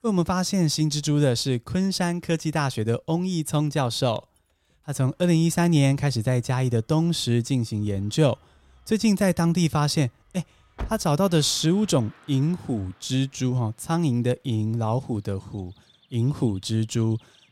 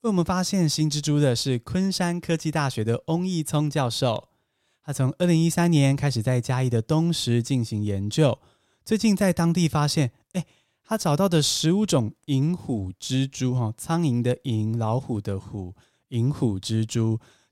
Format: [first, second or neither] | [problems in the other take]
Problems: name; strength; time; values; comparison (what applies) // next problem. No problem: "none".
second | traffic noise; faint; throughout; 25 dB below the speech